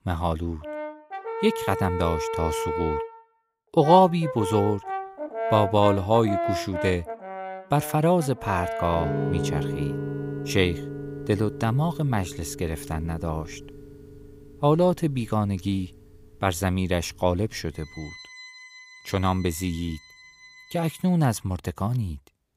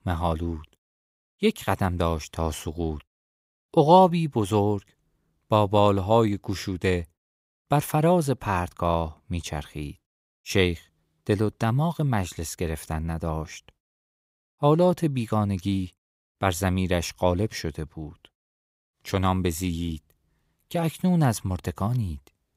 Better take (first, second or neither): second